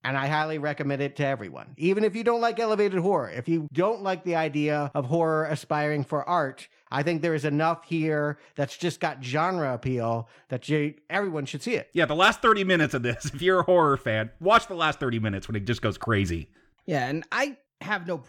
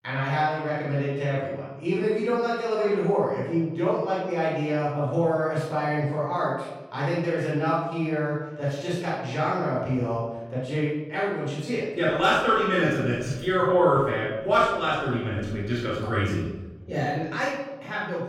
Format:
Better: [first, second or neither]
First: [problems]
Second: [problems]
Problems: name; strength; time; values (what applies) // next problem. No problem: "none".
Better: first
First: none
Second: off-mic speech; far // room echo; noticeable; dies away in 1 s